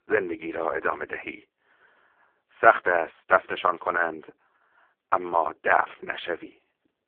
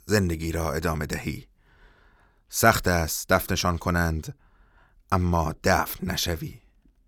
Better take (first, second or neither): second